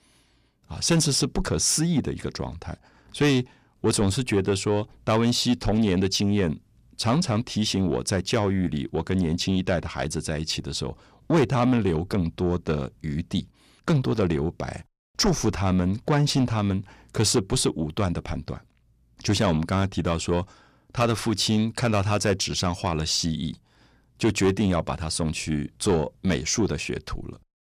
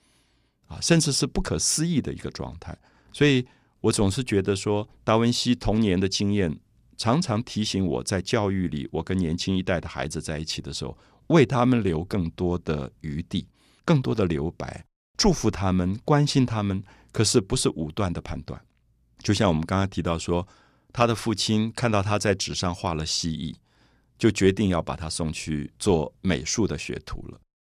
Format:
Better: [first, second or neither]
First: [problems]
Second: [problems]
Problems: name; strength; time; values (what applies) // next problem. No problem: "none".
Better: second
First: distortion; slight; 10 dB below the speech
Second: none